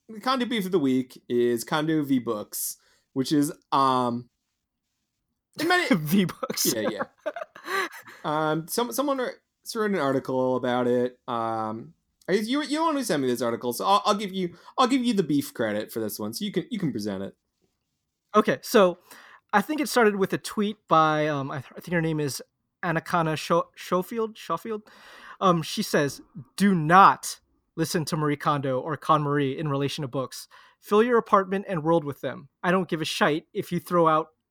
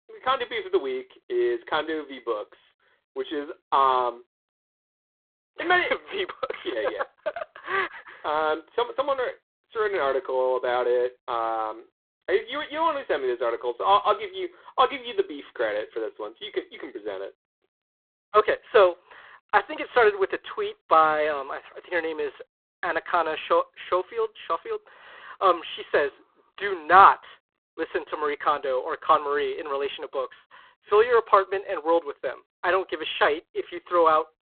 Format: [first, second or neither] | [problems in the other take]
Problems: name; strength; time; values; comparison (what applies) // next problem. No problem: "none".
first | phone-call audio; poor line